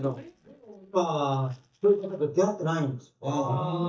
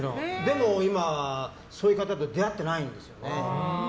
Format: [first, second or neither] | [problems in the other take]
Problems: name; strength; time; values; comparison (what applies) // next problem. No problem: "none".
second | noise reduction (neural mask model DeepFilterNet 3)